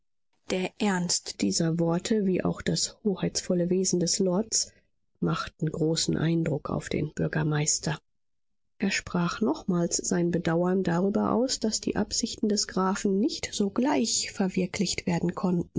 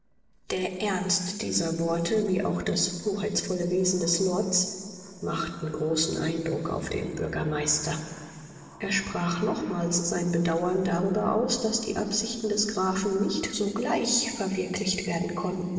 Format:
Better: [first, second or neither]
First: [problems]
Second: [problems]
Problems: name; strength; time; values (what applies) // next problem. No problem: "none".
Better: first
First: none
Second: noise reduction (neural separator model SepFormer DNS4)